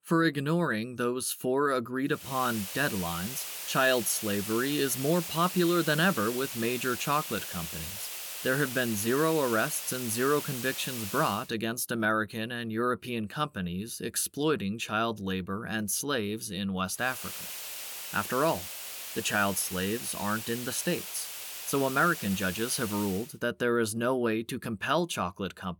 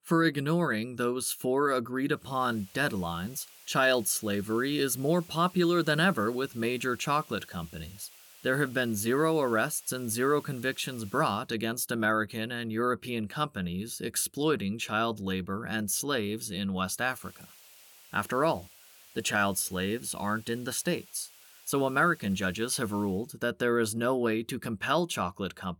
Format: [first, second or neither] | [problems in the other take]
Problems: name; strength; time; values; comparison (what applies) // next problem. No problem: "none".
second | hiss; loud; from 2 to 11 s and from 17 to 23 s; 7 dB below the speech; faint in the second